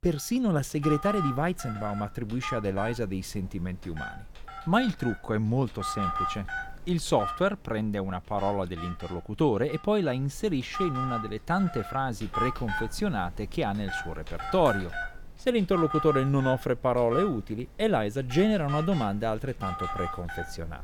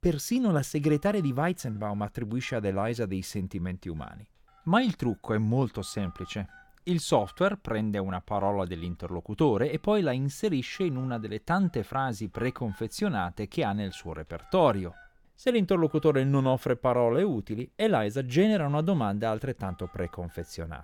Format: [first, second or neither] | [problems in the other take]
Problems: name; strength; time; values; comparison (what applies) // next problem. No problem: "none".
second | alarms or sirens; loud; throughout; 7 dB below the speech; faint in the second